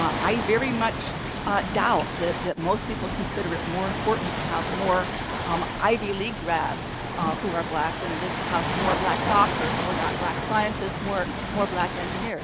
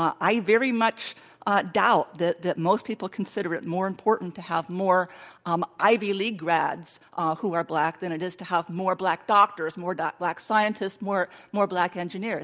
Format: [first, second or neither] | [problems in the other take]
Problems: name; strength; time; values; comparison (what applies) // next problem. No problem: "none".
second | background sound (Waves, surf); 2 dB below the speech